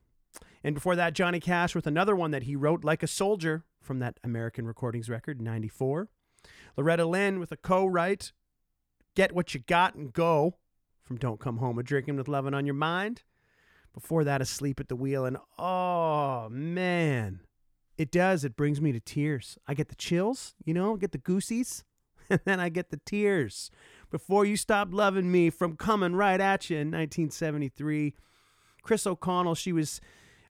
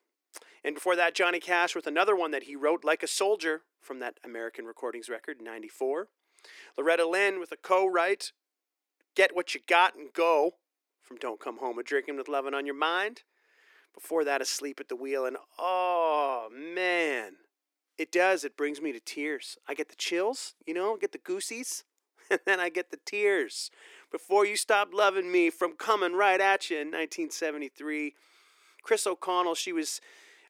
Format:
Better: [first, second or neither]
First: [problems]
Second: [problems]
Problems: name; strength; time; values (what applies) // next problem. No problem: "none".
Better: first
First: none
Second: thin; very; fading below 300 Hz